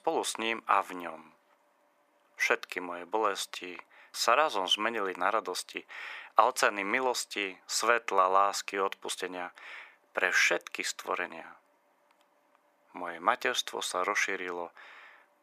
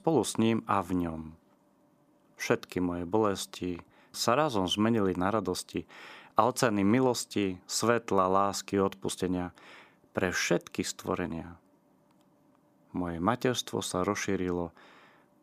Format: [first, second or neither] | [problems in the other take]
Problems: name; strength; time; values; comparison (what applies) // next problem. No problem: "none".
second | thin; very; fading below 600 Hz